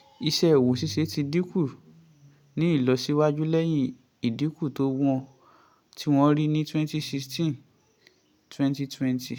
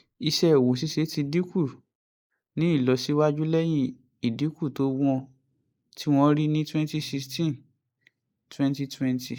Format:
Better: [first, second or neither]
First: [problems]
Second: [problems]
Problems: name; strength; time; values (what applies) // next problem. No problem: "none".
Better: first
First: none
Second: noise reduction (neural mask model Resemble Enhance denoiser)